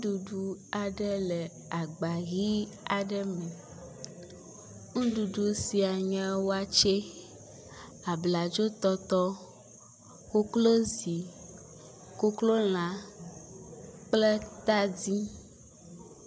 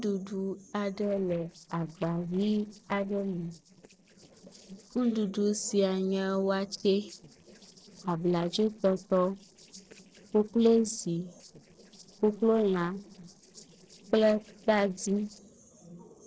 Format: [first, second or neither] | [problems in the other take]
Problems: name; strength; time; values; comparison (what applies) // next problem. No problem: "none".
first | noise reduction (neural separator model SepFormer DNS4)